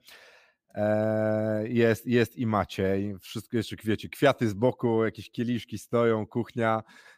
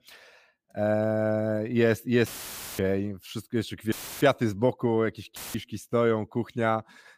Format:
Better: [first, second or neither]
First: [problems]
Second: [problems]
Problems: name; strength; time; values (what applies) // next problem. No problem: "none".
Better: first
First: none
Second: audio cutting out; filled with static; at 2.5 s for 0.5 s, at 4 s and at 5.5 s